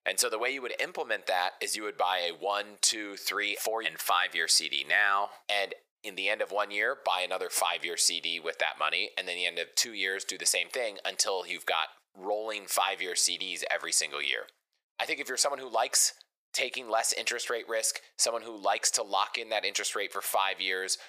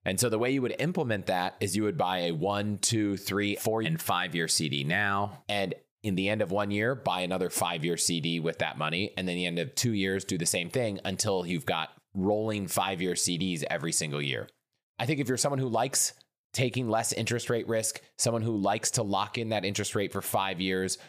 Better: second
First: thin; very; fading below 550 Hz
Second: none

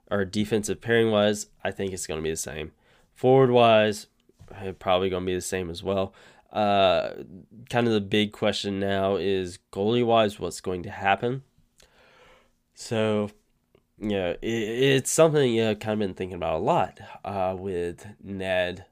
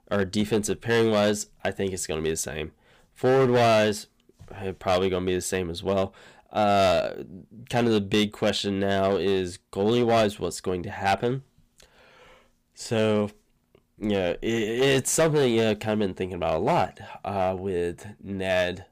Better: first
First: none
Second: distortion; slight; 8% of the sound clipped

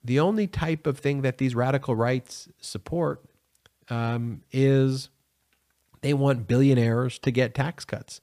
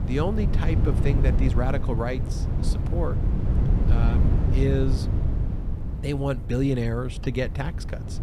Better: first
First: none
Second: low rumble; loud; throughout; 6 dB below the speech

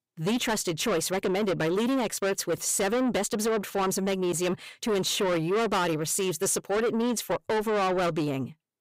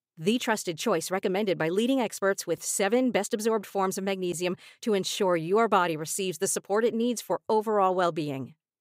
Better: second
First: distortion; heavy; 7 dB below the speech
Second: none

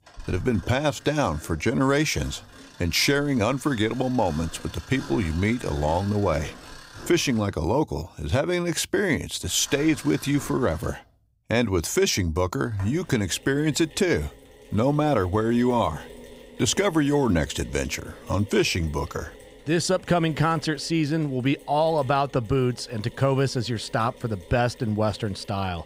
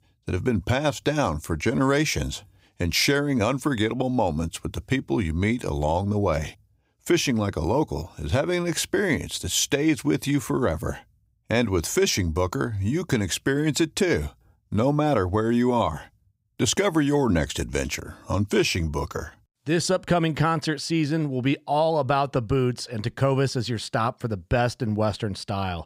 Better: second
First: machinery noise; faint; throughout; 20 dB below the speech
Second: none

